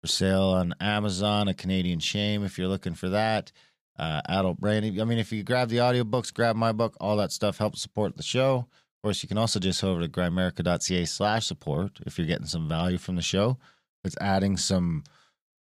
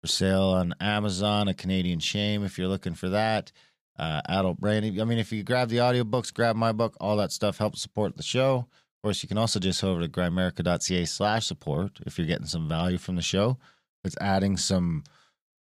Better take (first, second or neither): neither